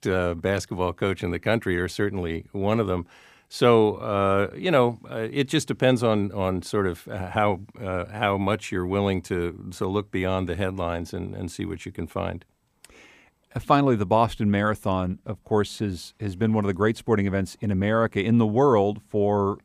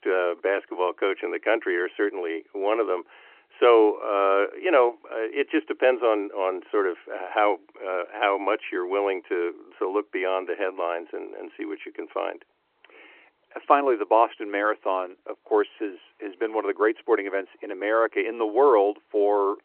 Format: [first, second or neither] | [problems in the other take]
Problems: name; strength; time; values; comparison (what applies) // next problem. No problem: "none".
first | phone-call audio